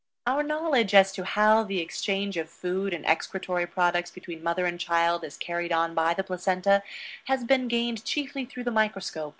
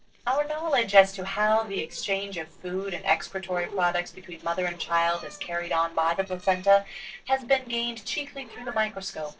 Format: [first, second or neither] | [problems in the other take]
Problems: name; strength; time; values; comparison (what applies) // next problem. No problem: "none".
first | noise reduction (neural separator model SepFormer DNS4)